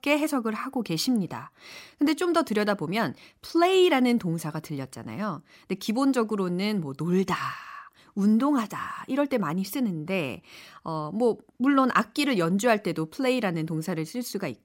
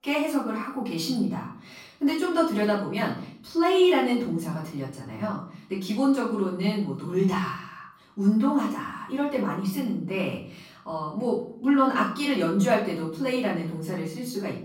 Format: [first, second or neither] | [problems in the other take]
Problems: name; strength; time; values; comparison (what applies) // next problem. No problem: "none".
first | off-mic speech; far // room echo; noticeable; dies away in 0.5 s